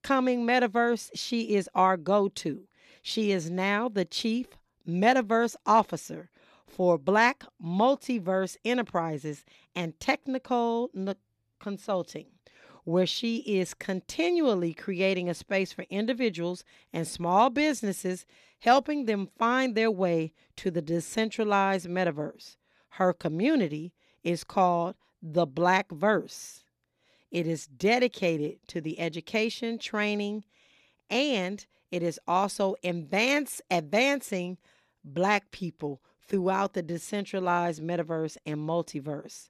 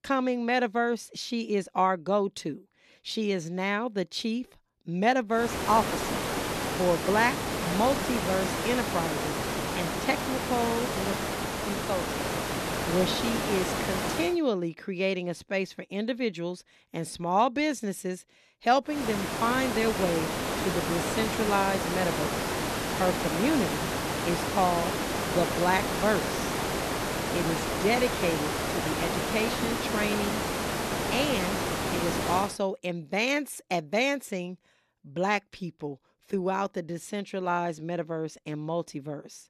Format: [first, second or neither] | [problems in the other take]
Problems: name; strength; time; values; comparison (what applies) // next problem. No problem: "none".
first | hiss; loud; from 5.5 to 14 s and from 19 to 32 s; as loud as the speech